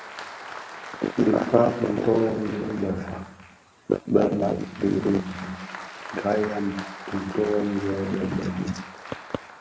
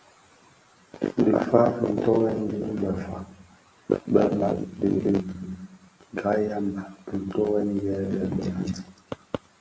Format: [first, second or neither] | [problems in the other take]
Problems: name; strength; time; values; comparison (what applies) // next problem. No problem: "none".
second | background sound (Applause); 14 dB below the speech